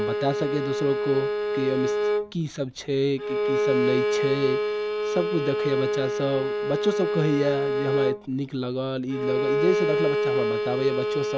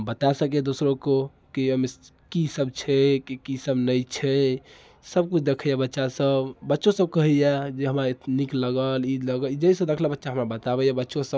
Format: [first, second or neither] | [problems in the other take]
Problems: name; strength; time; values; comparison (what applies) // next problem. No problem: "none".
second | background sound (Bowed string instrument); 2 dB above the speech